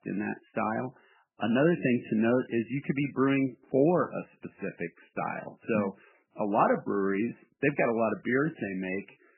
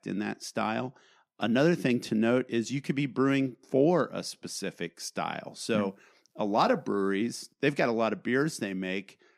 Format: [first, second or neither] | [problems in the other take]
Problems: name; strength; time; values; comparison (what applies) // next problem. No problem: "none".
second | garbled, watery; badly; nothing above 3 kHz